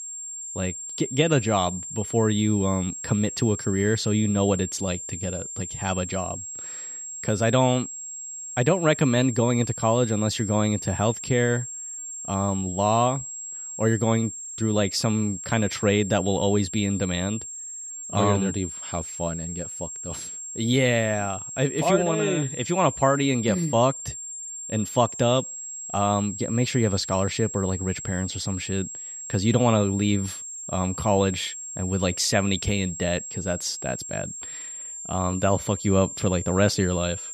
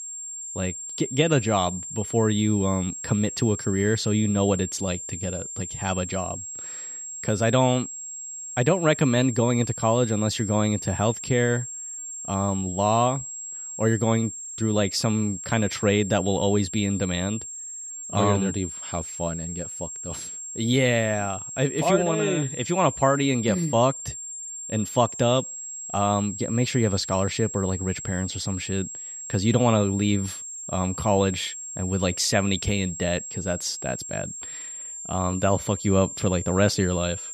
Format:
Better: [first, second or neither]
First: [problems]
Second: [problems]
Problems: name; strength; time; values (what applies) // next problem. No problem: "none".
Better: neither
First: high-pitched whine; loud; throughout; 7.5 kHz, 8 dB below the speech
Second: high-pitched whine; loud; throughout; 7.5 kHz, 8 dB below the speech